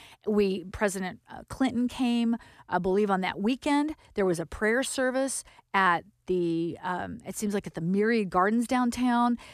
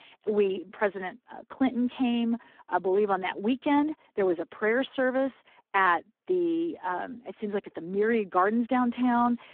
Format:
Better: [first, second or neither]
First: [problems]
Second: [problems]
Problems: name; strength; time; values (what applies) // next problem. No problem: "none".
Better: first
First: none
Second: phone-call audio; poor line